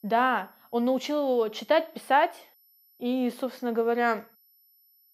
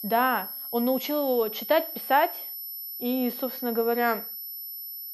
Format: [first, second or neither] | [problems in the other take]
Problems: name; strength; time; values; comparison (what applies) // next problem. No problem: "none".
first | high-pitched whine; loud; throughout; 12 kHz, 7 dB below the speech; faint in the first